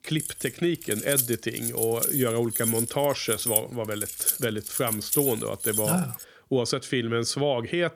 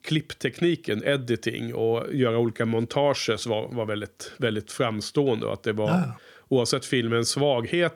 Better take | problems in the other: second | jangling keys; loud; until 6 s; peak 3 dB above the speech

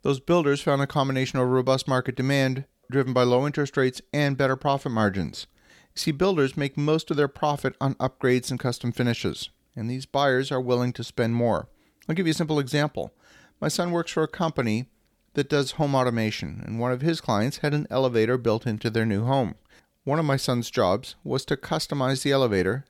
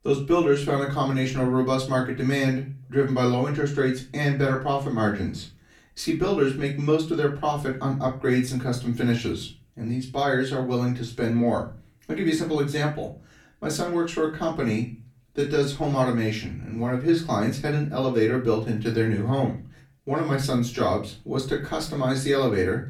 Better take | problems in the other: first | off-mic speech; far // room echo; slight; dies away in 0.3 s

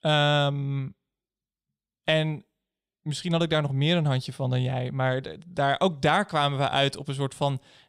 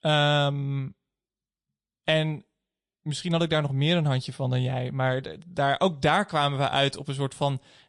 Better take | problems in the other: first | garbled, watery; slightly; nothing above 10 kHz

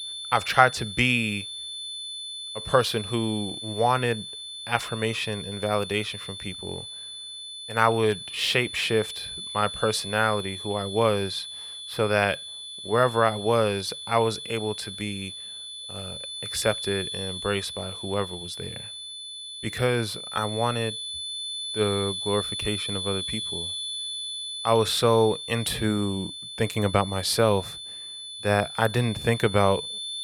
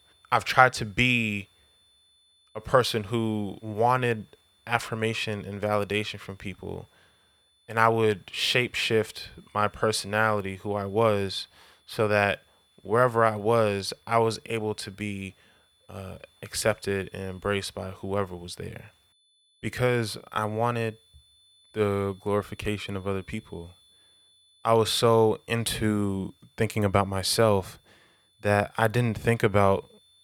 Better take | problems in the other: second | high-pitched whine; loud; throughout; 3.5 kHz, 8 dB below the speech; faint in the second

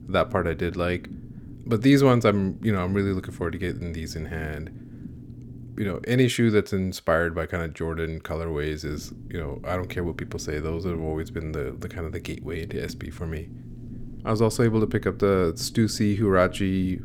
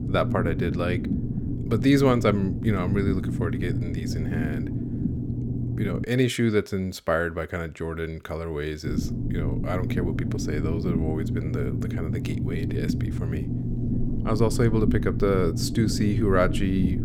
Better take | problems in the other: first | low rumble; loud; until 6 s and from 9 s on; 7 dB below the speech; faint in the first

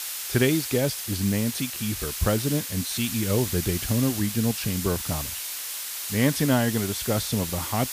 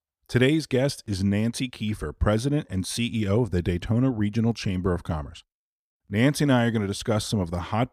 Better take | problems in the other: second | hiss; loud; throughout; 4 dB below the speech

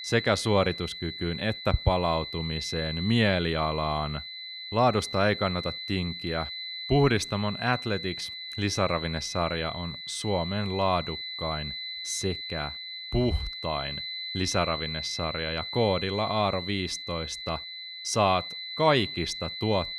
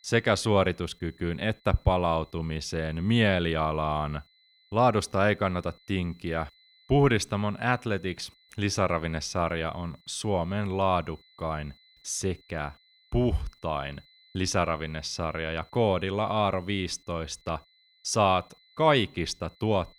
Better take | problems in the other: second | high-pitched whine; loud; throughout; 4 kHz, 7 dB below the speech; faint in the second

